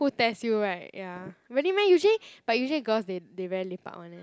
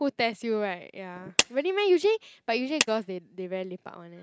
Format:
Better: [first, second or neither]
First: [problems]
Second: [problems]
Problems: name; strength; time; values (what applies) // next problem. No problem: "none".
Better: first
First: none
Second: noise reduction (neural mask model RNNoise)